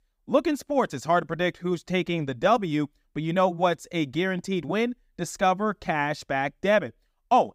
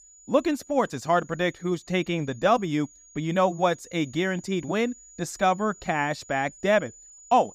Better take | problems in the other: first | high-pitched whine; faint; throughout; 7 kHz, 25 dB below the speech

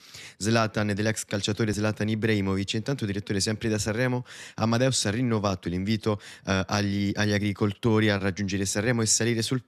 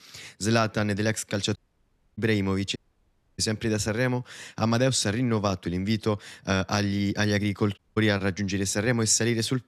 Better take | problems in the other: first | audio cutting out; at 1.5 s for 0.5 s, at 3 s for 0.5 s and at 8 s

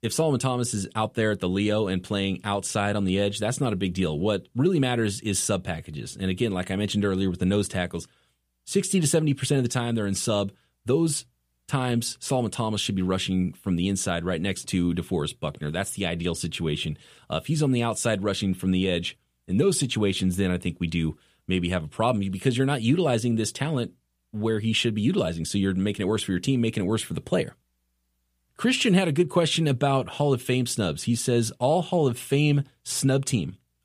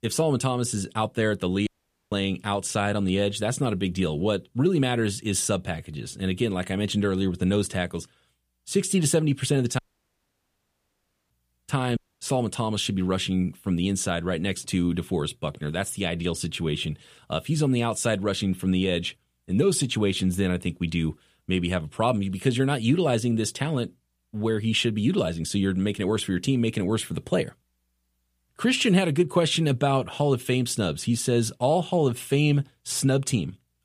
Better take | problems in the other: first | audio cutting out; at 1.5 s, at 10 s for 1.5 s and at 12 s

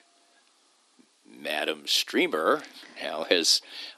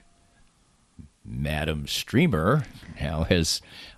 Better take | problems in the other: second | thin; somewhat; fading below 300 Hz

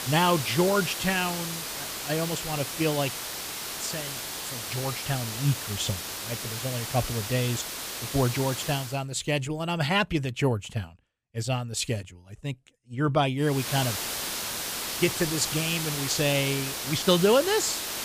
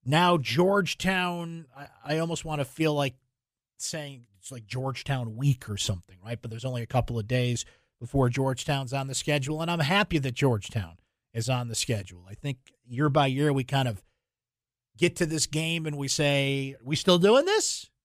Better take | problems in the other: second | hiss; loud; until 9 s and from 14 s on; 4 dB below the speech

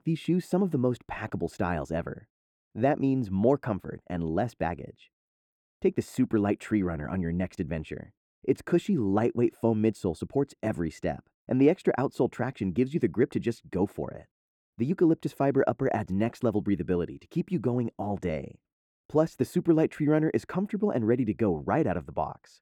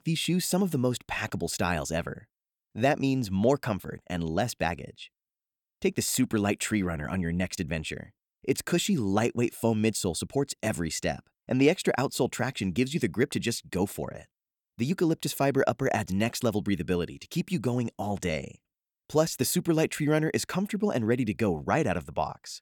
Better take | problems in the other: second | muffled; very; fading above 2.5 kHz

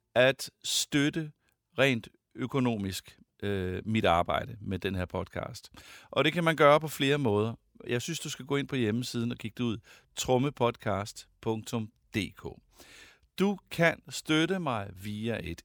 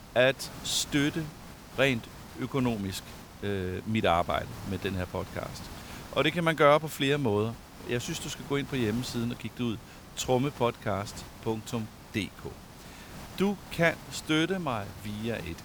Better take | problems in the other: first | hiss; noticeable; throughout; 15 dB below the speech

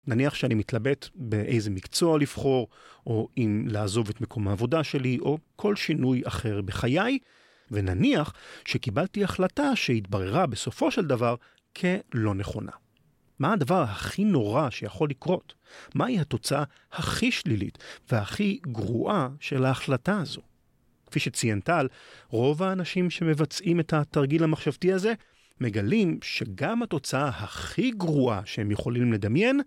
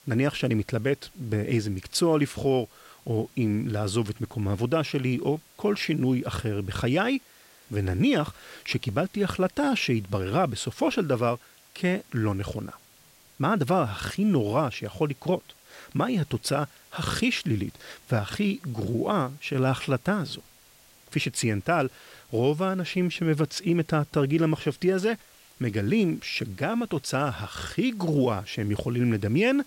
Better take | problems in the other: first | hiss; faint; throughout; 25 dB below the speech

